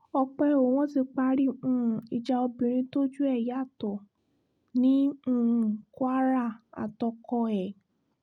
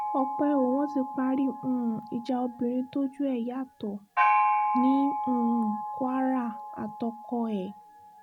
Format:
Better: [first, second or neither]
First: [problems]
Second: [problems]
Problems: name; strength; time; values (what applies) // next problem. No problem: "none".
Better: first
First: none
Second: background sound (Gong); 2 dB below the speech